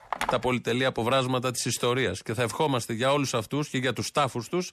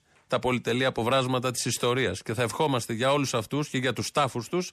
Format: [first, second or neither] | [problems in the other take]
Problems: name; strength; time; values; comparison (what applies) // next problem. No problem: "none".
second | phone ringing; noticeable; at the start; peak 4 dB below the speech